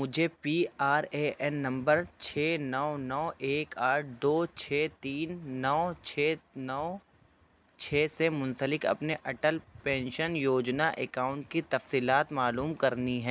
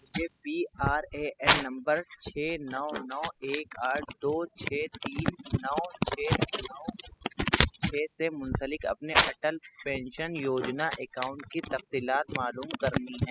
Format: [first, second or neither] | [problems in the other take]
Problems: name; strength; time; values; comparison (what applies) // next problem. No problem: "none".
first | noise reduction (classical method spectral subtraction)